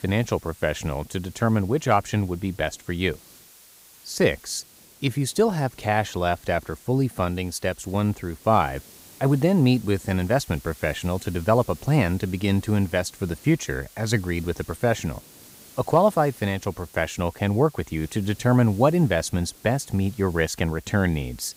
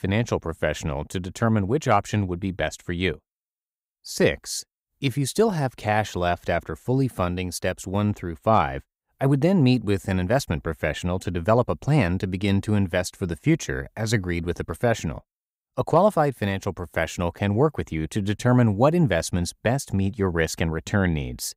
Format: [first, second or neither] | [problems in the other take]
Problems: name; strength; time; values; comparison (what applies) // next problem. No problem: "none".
second | hiss; faint; throughout; 25 dB below the speech